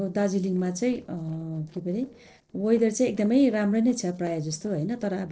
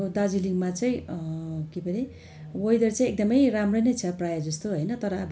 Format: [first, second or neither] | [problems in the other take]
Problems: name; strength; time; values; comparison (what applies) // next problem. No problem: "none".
second | noise reduction (neural separator model SepFormer DNS4)